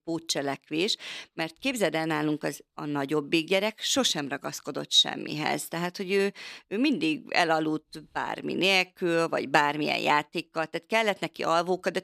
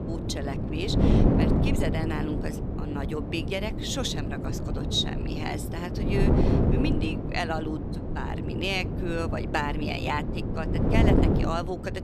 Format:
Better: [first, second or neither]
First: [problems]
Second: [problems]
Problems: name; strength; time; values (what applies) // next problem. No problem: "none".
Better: first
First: none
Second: wind noise on the microphone; heavy; 2 dB below the speech